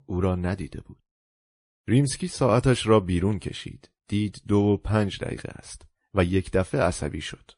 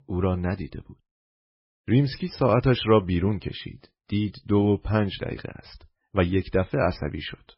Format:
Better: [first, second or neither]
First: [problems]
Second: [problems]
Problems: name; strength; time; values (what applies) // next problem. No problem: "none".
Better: first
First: garbled, watery; slightly; nothing above 10.5 kHz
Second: garbled, watery; badly; nothing above 5.5 kHz